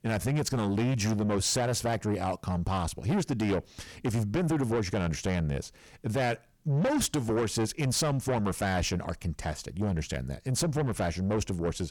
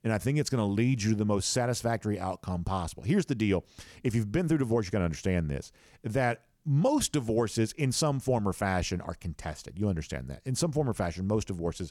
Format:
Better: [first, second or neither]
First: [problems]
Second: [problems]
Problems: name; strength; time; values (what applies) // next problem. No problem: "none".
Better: second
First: distortion; heavy; 7 dB below the speech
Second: none